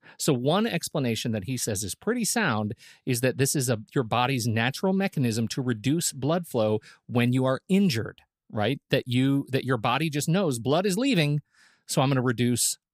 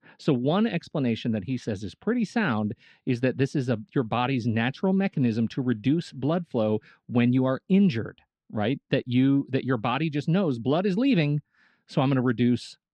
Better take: first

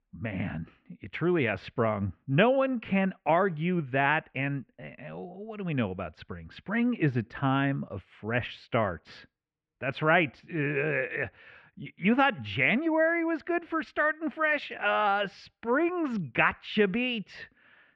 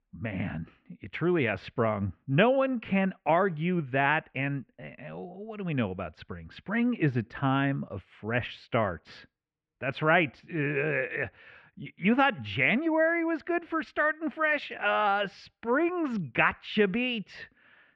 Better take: neither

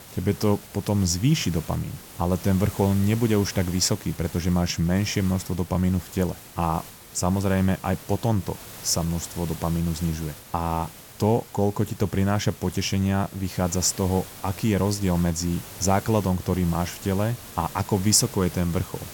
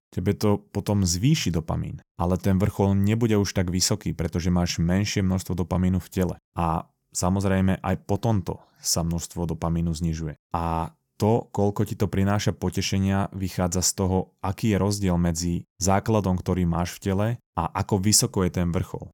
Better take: second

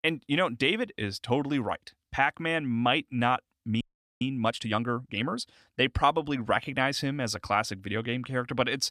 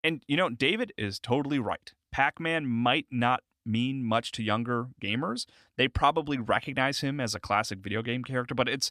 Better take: second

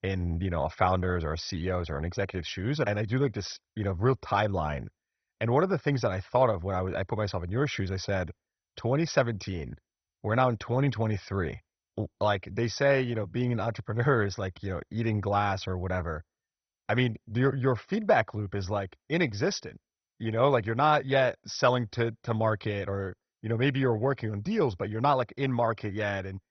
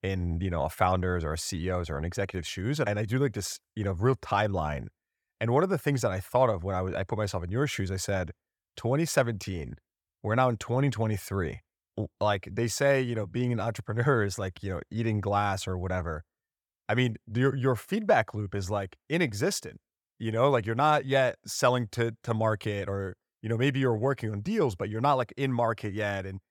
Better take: second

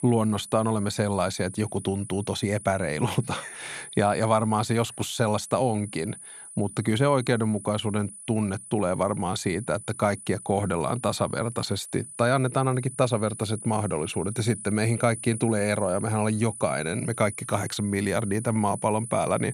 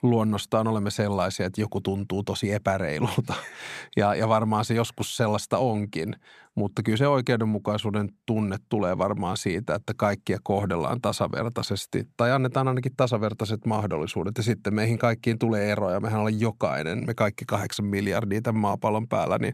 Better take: second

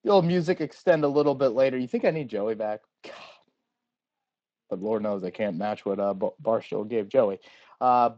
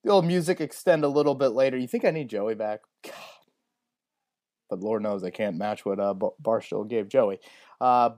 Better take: second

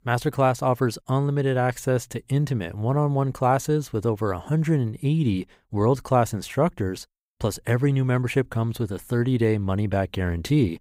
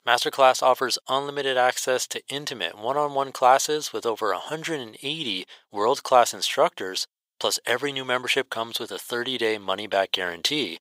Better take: first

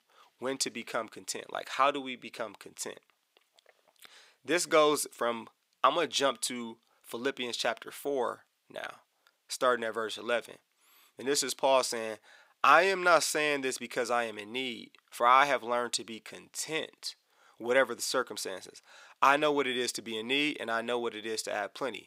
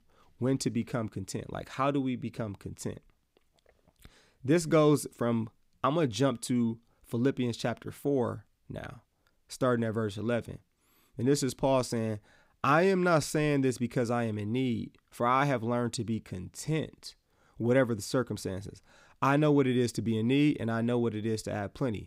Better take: second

